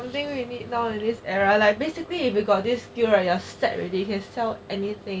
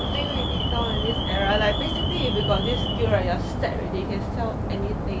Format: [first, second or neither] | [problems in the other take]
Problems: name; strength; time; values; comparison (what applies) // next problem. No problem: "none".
first | background sound (Alarm); 3 dB above the speech